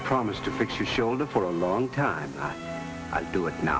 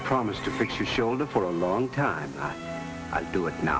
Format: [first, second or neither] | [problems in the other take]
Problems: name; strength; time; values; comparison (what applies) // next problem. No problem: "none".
first | background sound (Screech); 19 dB below the speech